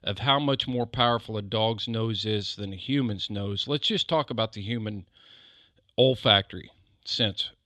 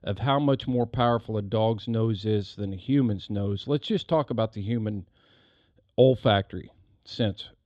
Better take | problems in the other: first | muffled; slightly; fading above 1 kHz

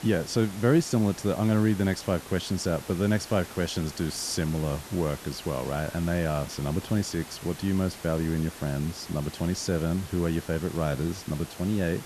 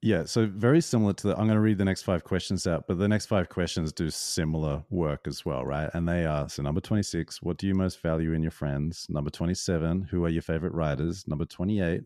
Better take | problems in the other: second | hiss; noticeable; throughout; 15 dB below the speech

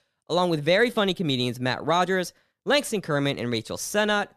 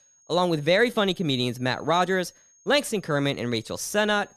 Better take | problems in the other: first | high-pitched whine; faint; throughout; 6.5 kHz, 30 dB below the speech

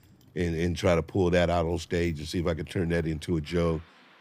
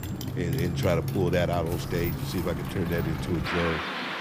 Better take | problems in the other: first | traffic noise; loud; throughout; 2 dB below the speech; faint in the first

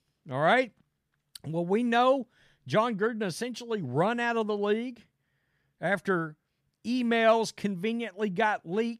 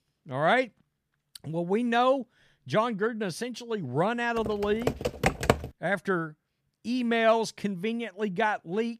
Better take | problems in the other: first | keyboard typing; loud; from 4.5 to 5.5 s; peak 3 dB above the speech

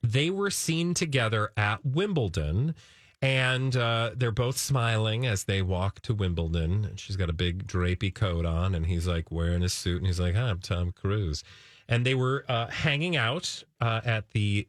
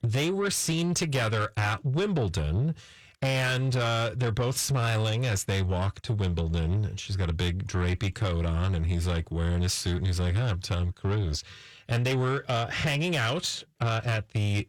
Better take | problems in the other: first | distortion; slight; 10 dB below the speech

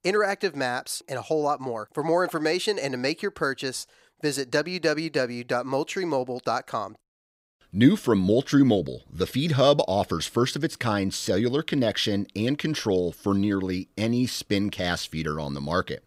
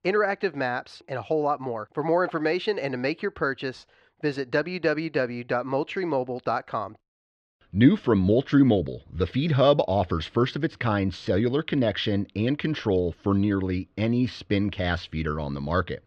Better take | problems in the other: first | muffled; slightly; fading above 3.5 kHz

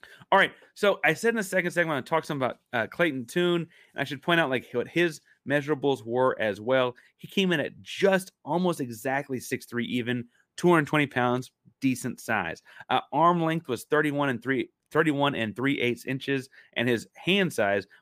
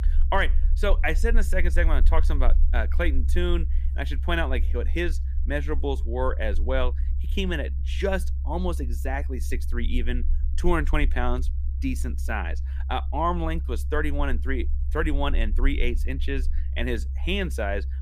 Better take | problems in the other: first | low rumble; noticeable; throughout; 20 dB below the speech

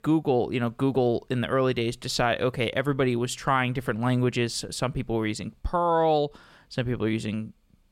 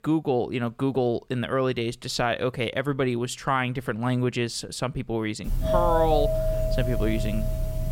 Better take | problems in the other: first | doorbell; loud; from 5.5 s on; peak 2 dB above the speech

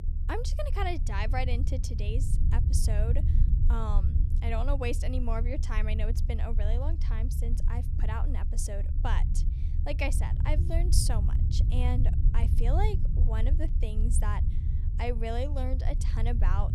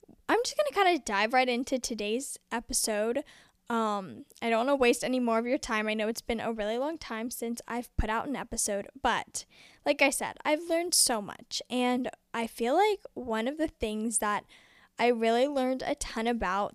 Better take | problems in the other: second | low rumble; loud; throughout; 9 dB below the speech

